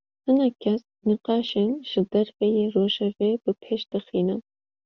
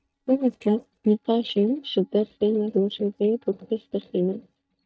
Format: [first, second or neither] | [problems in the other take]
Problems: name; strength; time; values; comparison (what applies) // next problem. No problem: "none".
first | noise reduction (neural mask model DeepFilterNet 3)